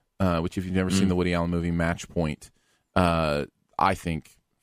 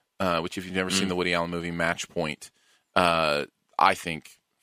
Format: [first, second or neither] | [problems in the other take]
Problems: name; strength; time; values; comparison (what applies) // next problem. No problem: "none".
first | thin; somewhat; fading below 1 kHz